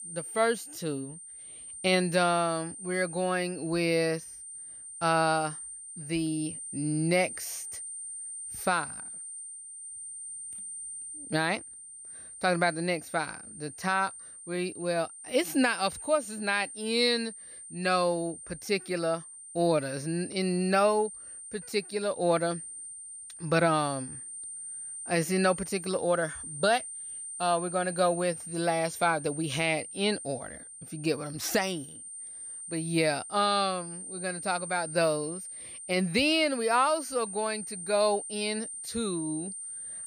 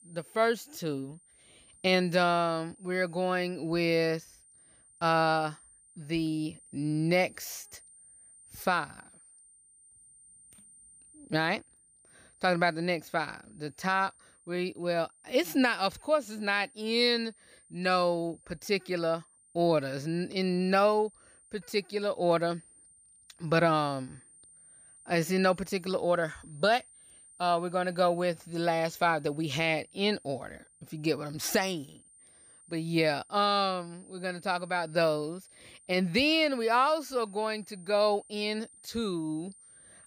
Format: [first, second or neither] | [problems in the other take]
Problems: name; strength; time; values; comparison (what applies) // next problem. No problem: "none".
second | high-pitched whine; loud; throughout; 9 kHz, 10 dB below the speech; faint in the second